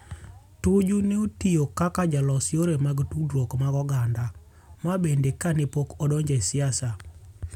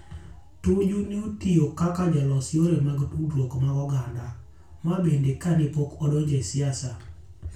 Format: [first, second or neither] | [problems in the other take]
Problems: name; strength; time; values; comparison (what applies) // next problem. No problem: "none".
first | room echo; dies away in 0.3 s